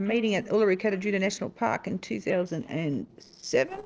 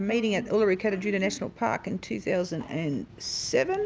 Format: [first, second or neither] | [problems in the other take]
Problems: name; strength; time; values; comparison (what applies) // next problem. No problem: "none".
second | noise reduction (neural separator model SepFormer DNS4)